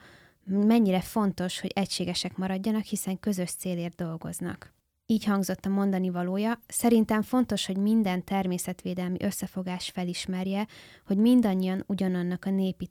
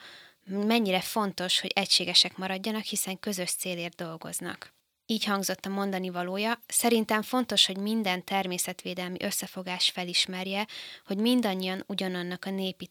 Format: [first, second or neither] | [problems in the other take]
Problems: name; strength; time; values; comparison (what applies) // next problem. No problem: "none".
first | thin; very slightly; fading below 650 Hz